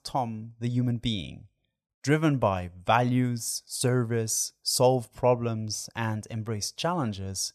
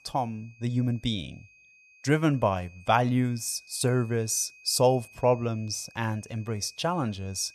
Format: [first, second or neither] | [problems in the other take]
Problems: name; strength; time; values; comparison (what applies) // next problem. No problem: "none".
first | high-pitched whine; faint; throughout; 2.5 kHz, 25 dB below the speech